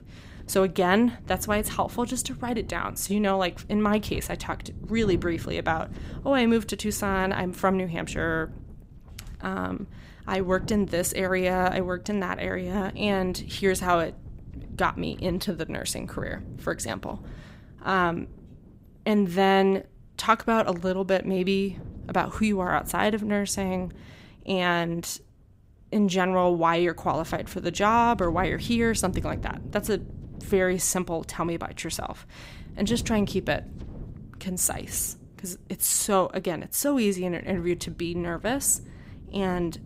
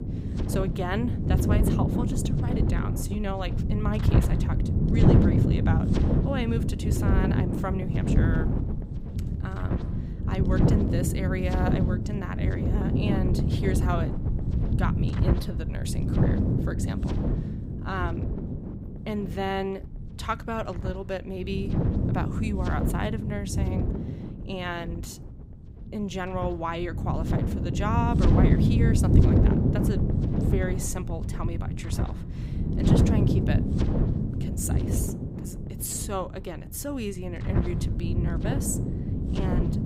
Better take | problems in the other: first | wind noise on the microphone; heavy; as loud as the speech; occasional gusts in the first

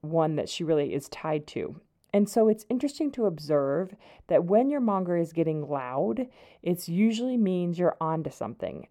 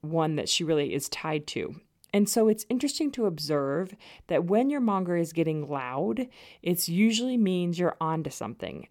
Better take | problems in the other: second | muffled; slightly; fading above 2 kHz

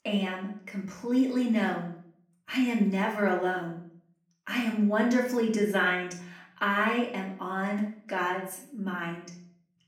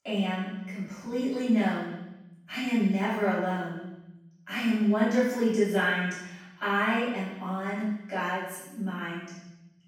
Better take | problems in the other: first | room echo; strong; dies away in 1.1 s; slight in the first // off-mic speech; far; far in the first

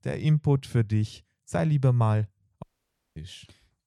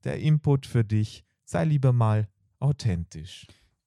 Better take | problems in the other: second | audio cutting out; at 2.5 s for 0.5 s

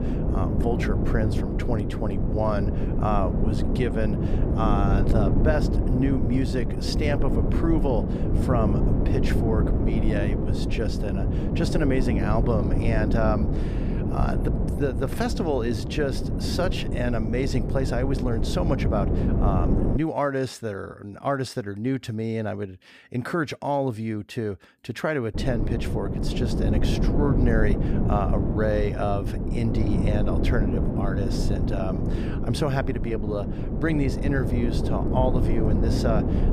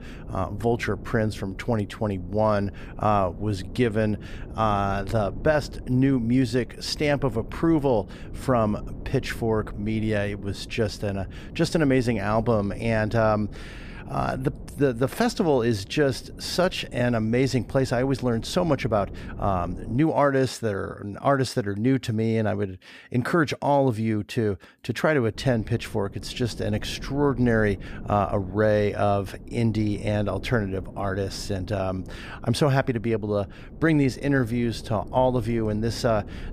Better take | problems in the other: second | wind noise on the microphone; heavy; until 20 s and from 25 s on; 3 dB below the speech; occasional gusts in the second

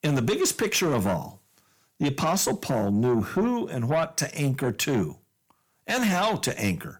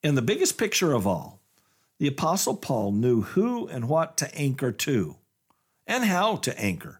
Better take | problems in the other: second | distortion; slight; 10 dB below the speech

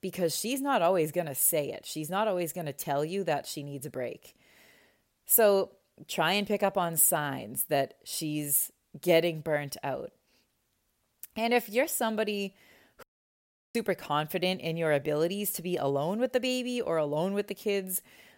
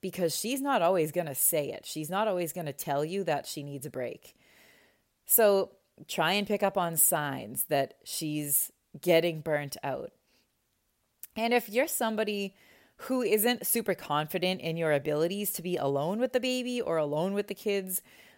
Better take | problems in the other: second | audio cutting out; at 13 s for 0.5 s

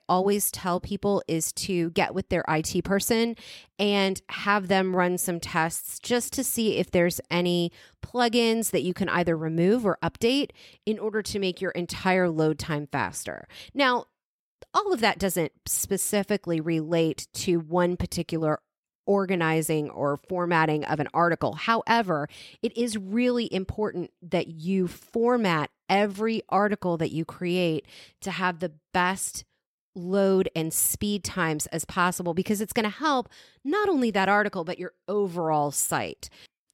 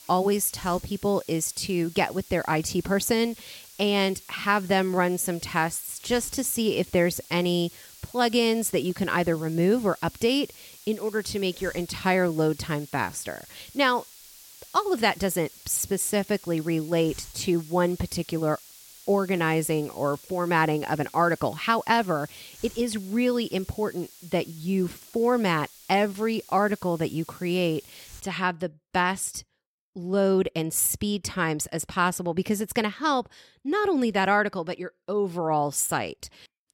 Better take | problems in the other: first | hiss; noticeable; until 28 s; 20 dB below the speech

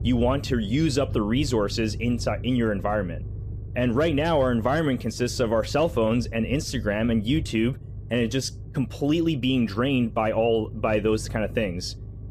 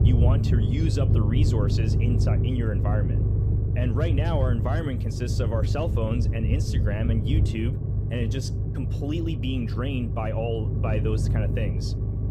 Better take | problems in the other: first | low rumble; loud; throughout; 4 dB below the speech; faint in the first

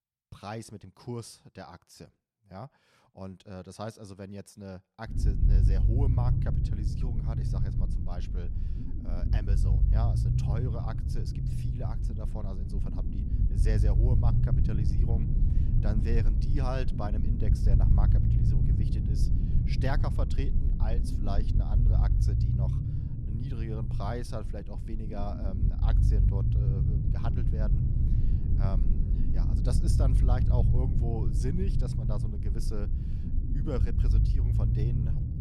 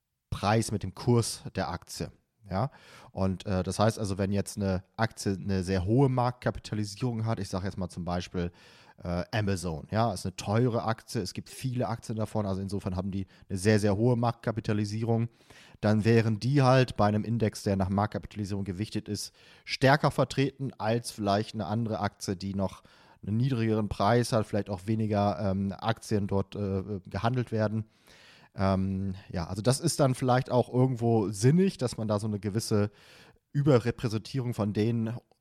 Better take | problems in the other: second | low rumble; loud; from 5 s on; 1 dB below the speech

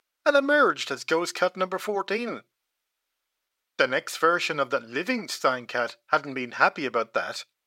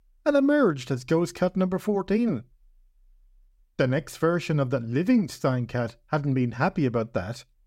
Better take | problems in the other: second | thin; somewhat; fading below 500 Hz

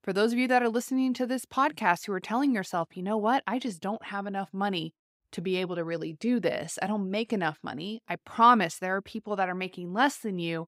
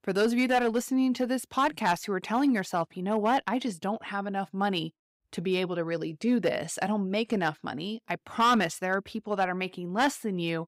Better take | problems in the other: first | distortion; slight; 2% of the sound clipped

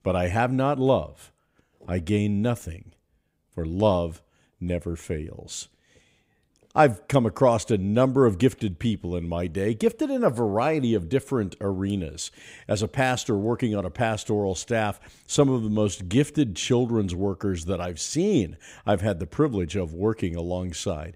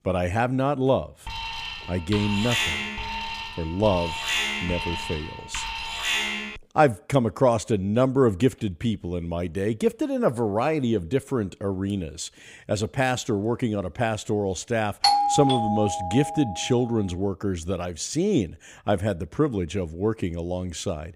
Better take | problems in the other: first | alarm; loud; from 1.5 to 6.5 s; peak 2 dB above the speech // doorbell; loud; from 15 to 17 s; peak 6 dB above the speech

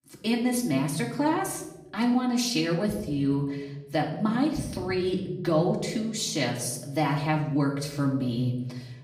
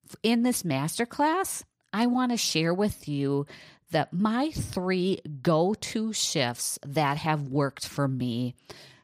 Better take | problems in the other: second | room echo; slight; dies away in 1 s // off-mic speech; far

